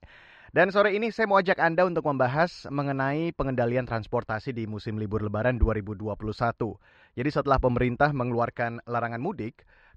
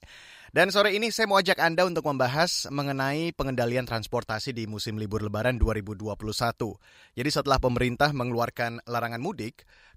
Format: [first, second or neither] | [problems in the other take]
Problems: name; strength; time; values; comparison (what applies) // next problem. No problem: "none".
second | muffled; very; fading above 2 kHz